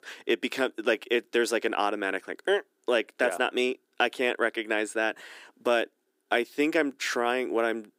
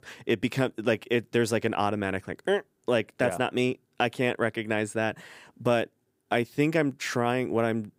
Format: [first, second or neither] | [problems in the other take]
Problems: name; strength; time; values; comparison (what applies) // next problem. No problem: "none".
second | thin; very slightly; fading below 300 Hz